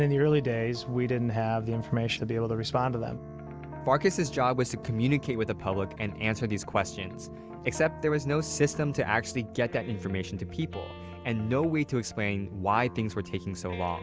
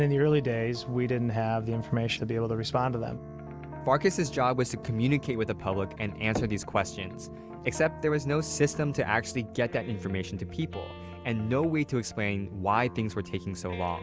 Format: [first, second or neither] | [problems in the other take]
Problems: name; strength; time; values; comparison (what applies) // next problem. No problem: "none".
first | background sound (Knock / Wood); 15 dB below the speech